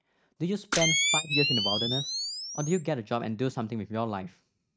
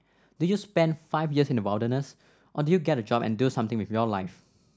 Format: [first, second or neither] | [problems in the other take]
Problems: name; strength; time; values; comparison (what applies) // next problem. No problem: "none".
second | noise reduction (neural mask model RNNoise)